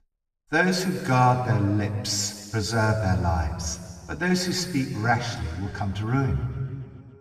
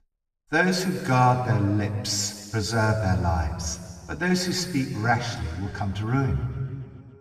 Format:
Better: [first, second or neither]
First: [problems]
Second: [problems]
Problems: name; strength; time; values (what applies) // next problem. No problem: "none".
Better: neither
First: room echo; noticeable; dies away in 1.9 s // off-mic speech; far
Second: room echo; noticeable; dies away in 1.9 s // off-mic speech; far